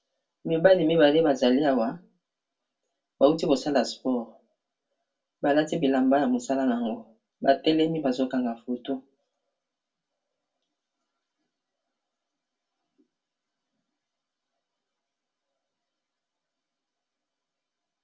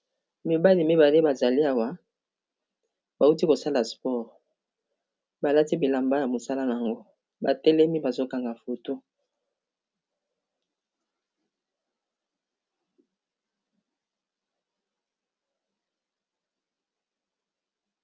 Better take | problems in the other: second | room echo; dies away in 0.2 s

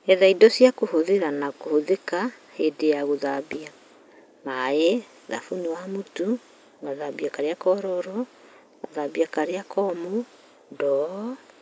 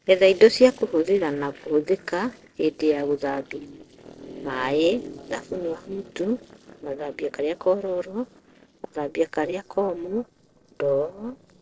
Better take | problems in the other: first | noise reduction (neural separator model SepFormer DNS4)

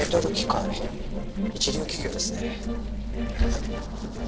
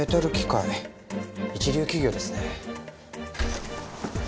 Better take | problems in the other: second | noise reduction (neural separator model SepFormer DNS4)

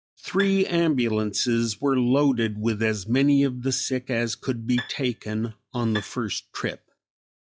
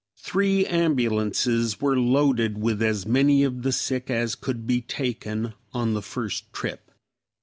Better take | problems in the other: second | noise reduction (classical method log-MMSE)

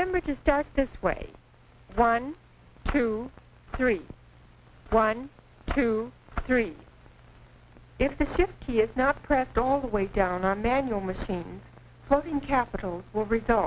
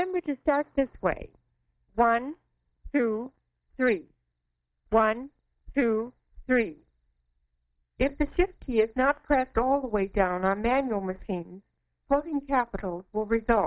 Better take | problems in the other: first | noise reduction (neural mask model DeepFilterNet 3)

